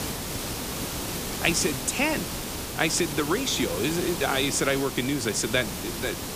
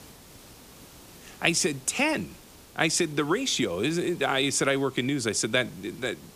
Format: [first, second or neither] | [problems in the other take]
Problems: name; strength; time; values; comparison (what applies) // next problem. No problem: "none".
second | hiss; loud; throughout; 5 dB below the speech; faint in the second